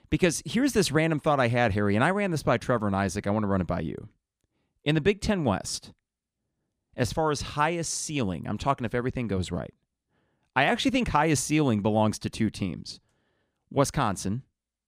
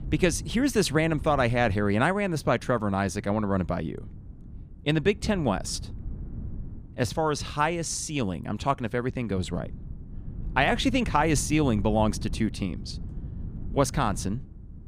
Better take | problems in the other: first | wind noise on the microphone; occasional gusts; 25 dB below the speech

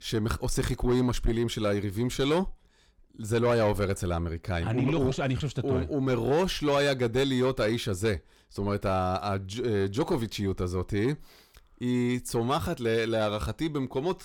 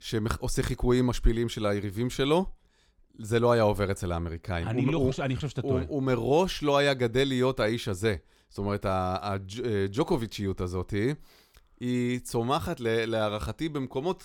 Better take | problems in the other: second | distortion; slight; 10 dB below the speech

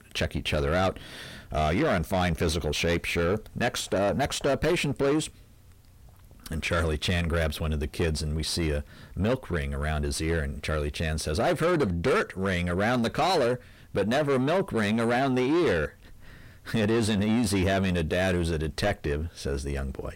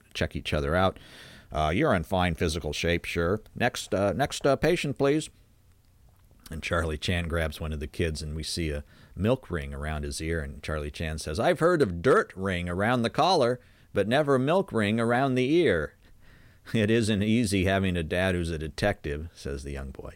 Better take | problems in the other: second | distortion; heavy; 7 dB below the speech

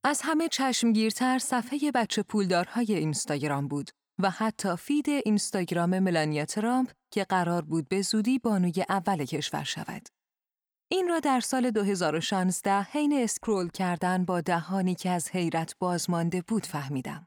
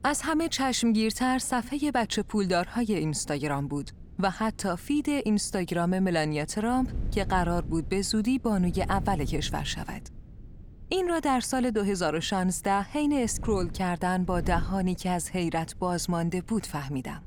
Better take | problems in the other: first | wind noise on the microphone; occasional gusts; 25 dB below the speech

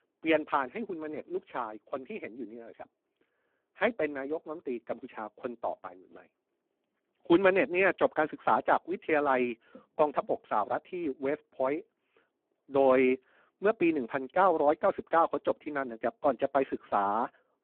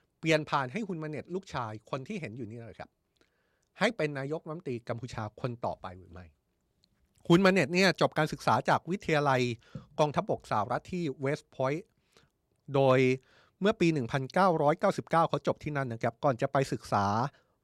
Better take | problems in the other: second | phone-call audio; poor line

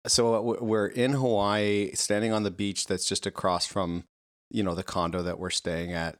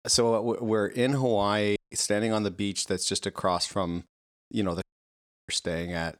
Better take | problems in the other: first | audio cutting out; at 2 s and at 5 s for 0.5 s

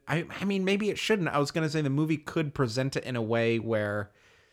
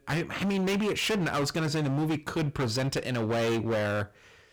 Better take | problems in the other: first | distortion; heavy; 27% of the sound clipped

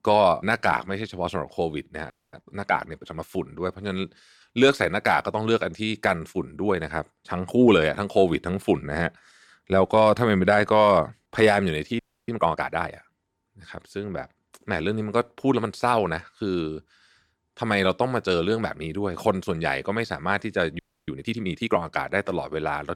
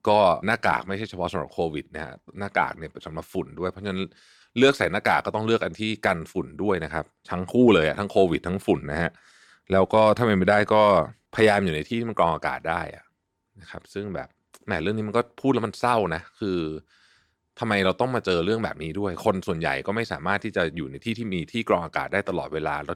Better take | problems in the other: second | audio freezing; at 2 s, at 12 s and at 21 s

